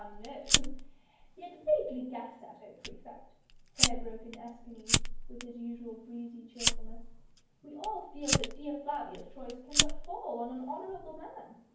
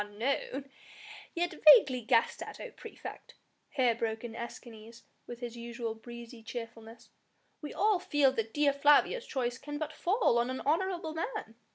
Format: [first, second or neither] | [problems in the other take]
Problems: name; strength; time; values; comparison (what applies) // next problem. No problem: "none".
second | background sound (Fire); 5 dB above the speech // room echo; dies away in 0.9 s